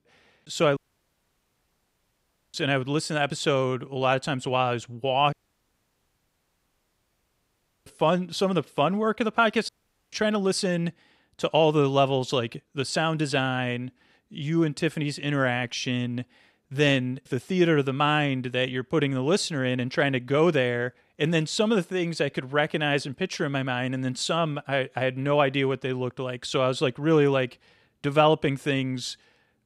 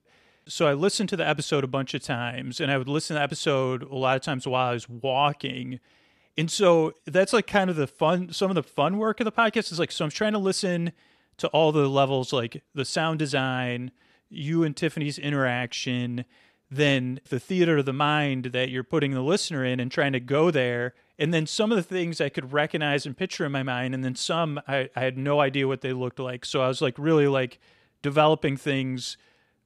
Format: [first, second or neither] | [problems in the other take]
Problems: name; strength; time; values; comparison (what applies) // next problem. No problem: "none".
second | audio cutting out; at 1 s for 2 s, at 5.5 s for 2.5 s and at 9.5 s